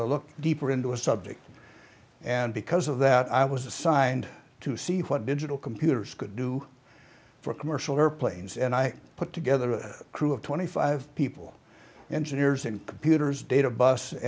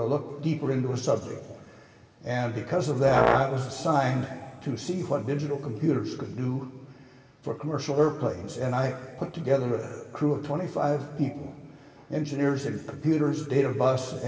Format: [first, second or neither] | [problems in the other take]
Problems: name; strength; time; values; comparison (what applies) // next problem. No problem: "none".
first | background sound (Brass instrument); 1 dB above the speech // room echo; dies away in 2.4 s